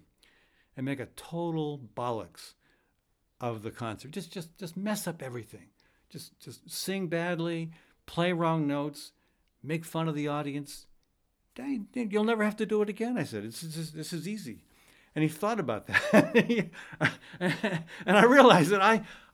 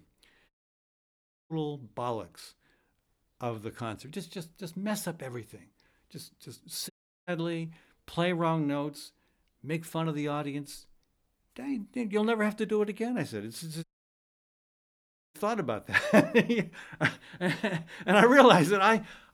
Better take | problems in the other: first | audio cutting out; at 0.5 s for 1 s, at 7 s and at 14 s for 1.5 s

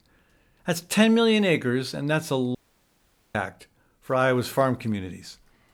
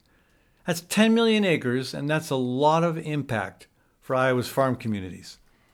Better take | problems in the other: second | audio cutting out; at 2.5 s for 1 s

